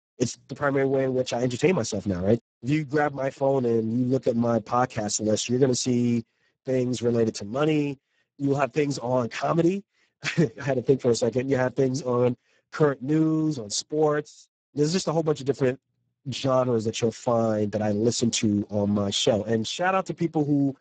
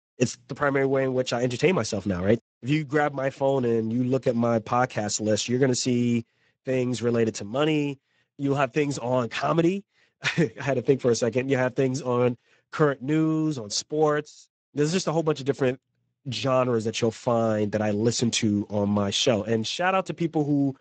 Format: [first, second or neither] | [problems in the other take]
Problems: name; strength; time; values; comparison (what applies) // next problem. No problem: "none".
second | garbled, watery; badly; nothing above 7.5 kHz; slightly in the second